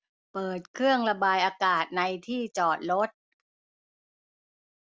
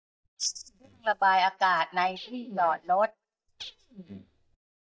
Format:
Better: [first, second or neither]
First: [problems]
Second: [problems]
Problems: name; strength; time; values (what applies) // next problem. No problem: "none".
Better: first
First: none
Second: noise reduction (neural mask model DeepFilterNet 3)